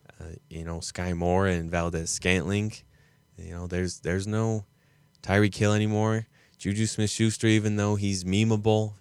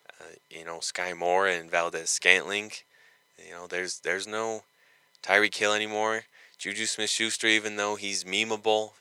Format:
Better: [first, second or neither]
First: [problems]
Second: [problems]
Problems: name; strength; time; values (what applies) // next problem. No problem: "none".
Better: first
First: none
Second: thin; very; fading below 600 Hz